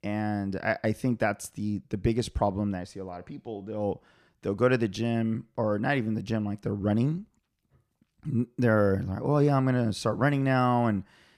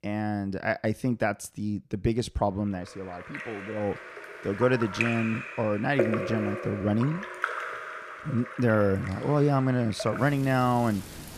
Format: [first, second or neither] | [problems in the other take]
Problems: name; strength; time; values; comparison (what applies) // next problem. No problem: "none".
first | rain or running water; loud; from 3 s on; 8 dB below the speech